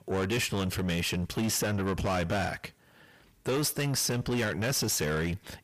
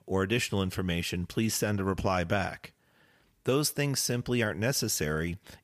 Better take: second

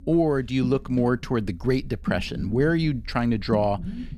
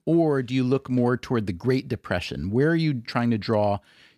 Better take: second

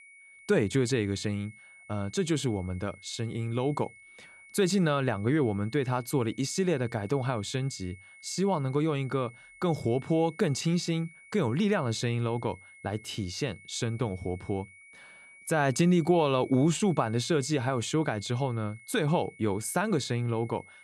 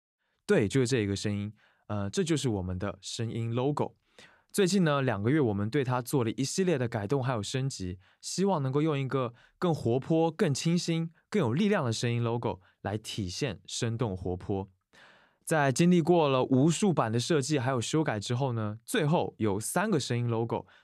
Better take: second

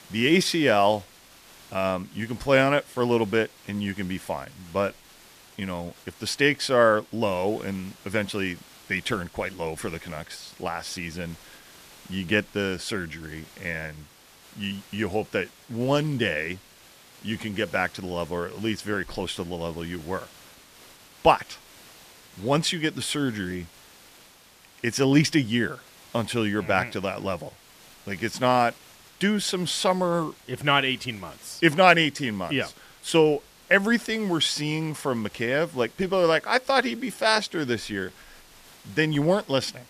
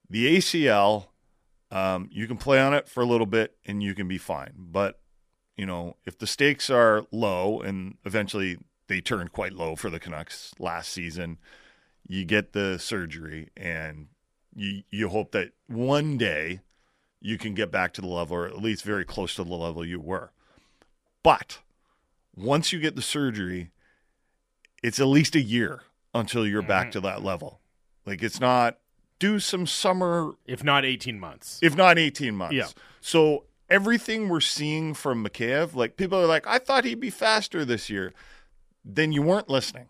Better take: second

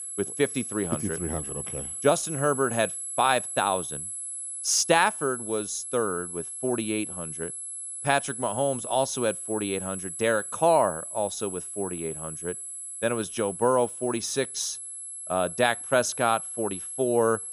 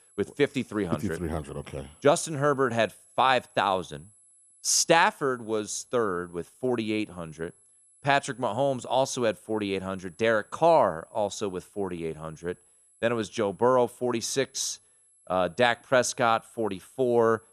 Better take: second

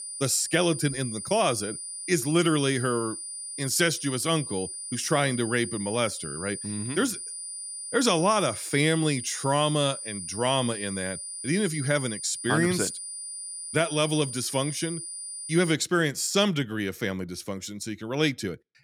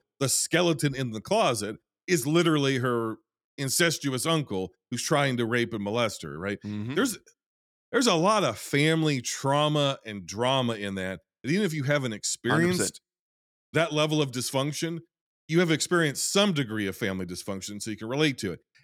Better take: second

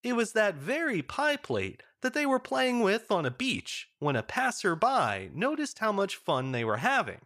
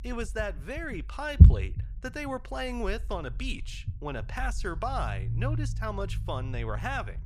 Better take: first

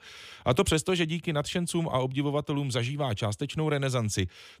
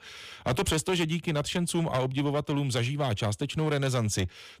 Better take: first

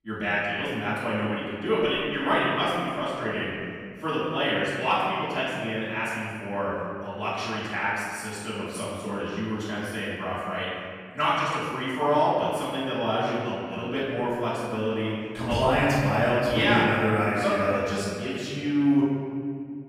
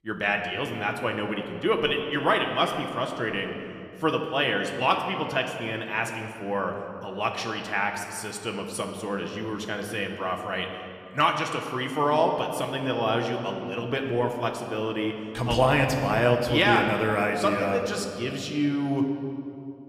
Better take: second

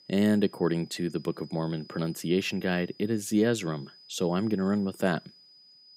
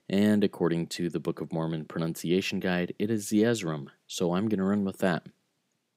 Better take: second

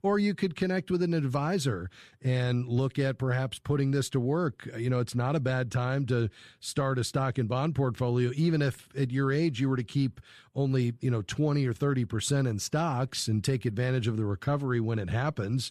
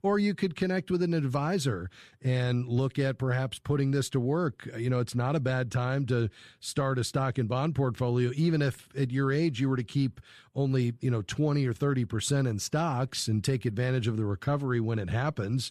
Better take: neither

